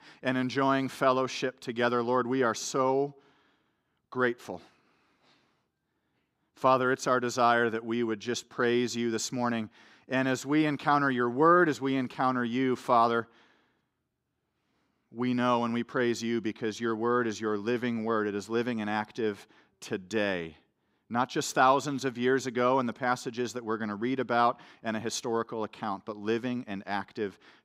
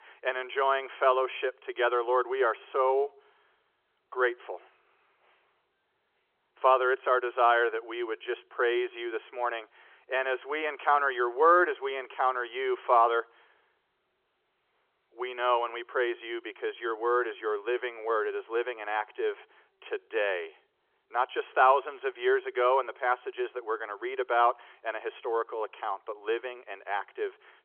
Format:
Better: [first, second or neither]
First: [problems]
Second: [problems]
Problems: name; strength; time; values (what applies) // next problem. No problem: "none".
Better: first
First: none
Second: phone-call audio; nothing above 3.5 kHz